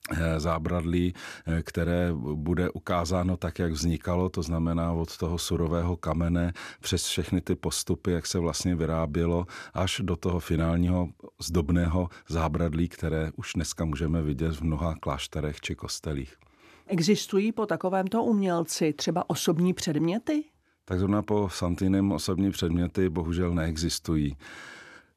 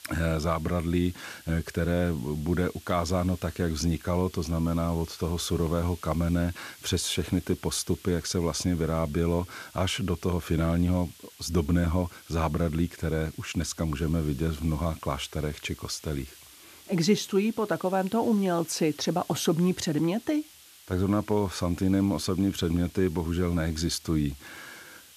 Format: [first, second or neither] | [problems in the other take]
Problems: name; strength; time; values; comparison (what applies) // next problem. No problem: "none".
first | hiss; faint; throughout; 20 dB below the speech